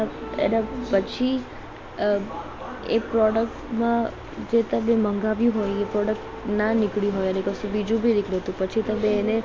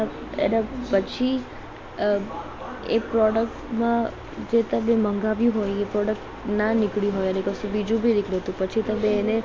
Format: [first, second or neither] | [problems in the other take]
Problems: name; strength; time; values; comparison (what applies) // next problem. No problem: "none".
second | background sound (Wind instrument, woodwind instrument); 16 dB below the speech